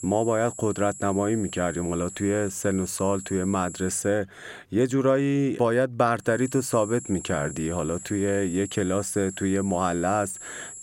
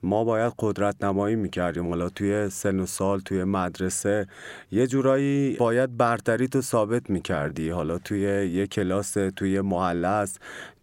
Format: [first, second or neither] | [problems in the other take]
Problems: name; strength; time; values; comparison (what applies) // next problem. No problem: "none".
second | high-pitched whine; noticeable; until 4 s and from 6.5 s on; 7.5 kHz, 10 dB below the speech